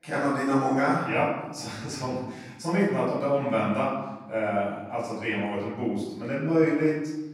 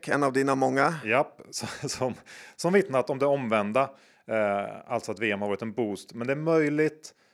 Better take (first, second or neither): second